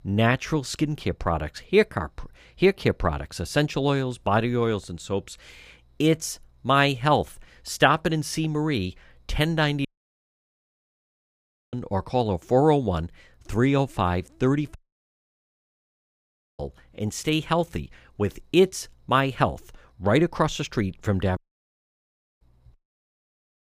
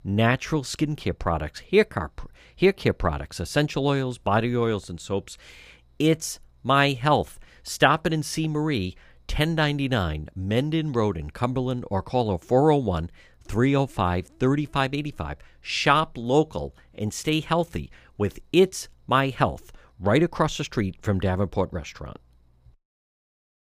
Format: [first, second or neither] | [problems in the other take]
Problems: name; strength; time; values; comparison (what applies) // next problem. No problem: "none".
second | audio cutting out; at 10 s for 2 s, at 15 s for 2 s and at 21 s for 1 s